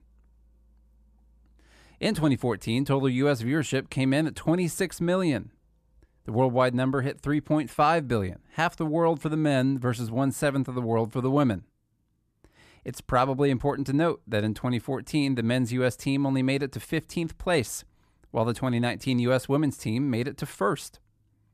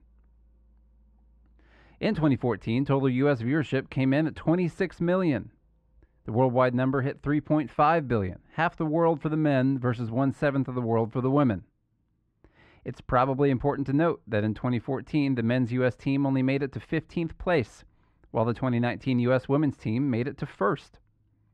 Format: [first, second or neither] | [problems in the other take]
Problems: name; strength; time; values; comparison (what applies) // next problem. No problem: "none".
first | muffled; slightly; fading above 2.5 kHz